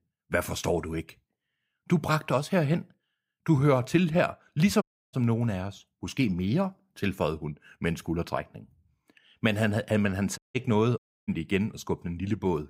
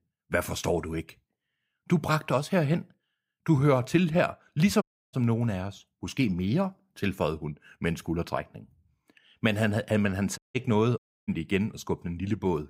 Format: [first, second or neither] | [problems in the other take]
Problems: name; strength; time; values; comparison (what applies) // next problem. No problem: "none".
neither | audio cutting out; at 5 s, at 10 s and at 11 s; the same in both